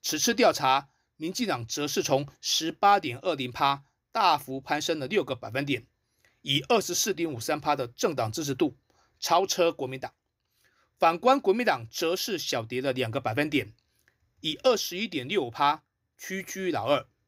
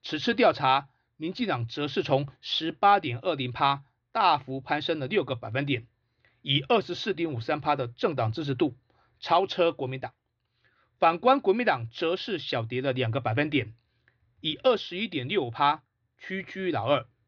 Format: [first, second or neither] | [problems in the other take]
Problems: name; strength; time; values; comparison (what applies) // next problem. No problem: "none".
first | muffled; slightly; fading above 4 kHz